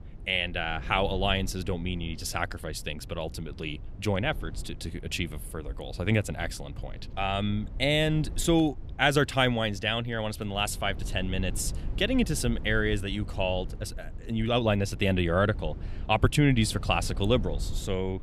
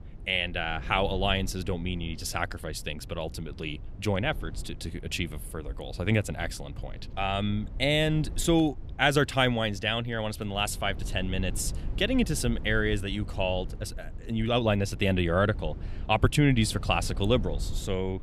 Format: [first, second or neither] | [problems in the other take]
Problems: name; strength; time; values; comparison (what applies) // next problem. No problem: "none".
neither | low rumble; faint; throughout; 25 dB below the speech; the same in both